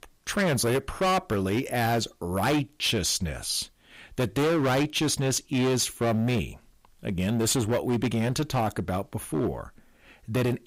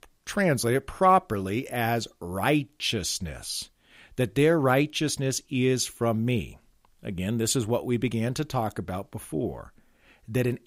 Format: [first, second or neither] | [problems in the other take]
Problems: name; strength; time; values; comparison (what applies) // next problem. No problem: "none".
second | distortion; heavy; 15% of the sound clipped